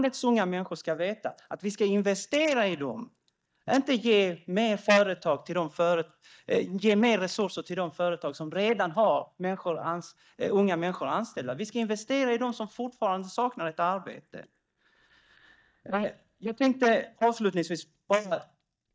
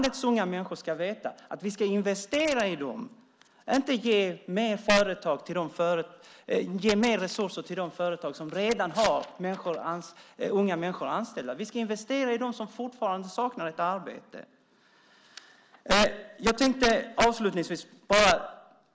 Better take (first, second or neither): second